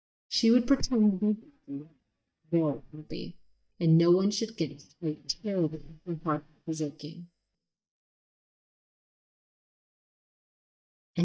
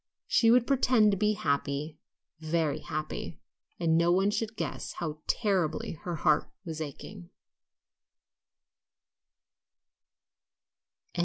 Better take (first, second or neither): second